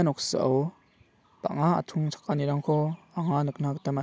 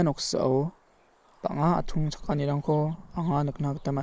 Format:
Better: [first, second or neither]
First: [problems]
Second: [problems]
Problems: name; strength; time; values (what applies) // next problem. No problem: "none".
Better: first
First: none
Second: noise reduction (neural mask model Resemble Enhance denoiser)